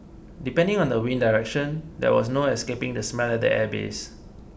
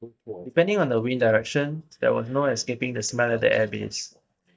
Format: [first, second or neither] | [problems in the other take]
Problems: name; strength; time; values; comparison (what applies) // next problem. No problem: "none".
first | noise reduction (neural mask model DeepFilterNet 3)